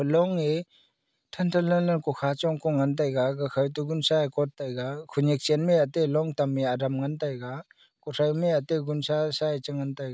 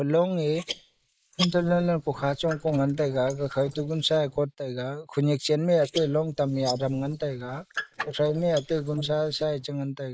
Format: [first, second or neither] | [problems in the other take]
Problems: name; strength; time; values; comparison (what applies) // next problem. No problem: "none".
first | noise reduction (neural mask model Resemble Enhance denoiser)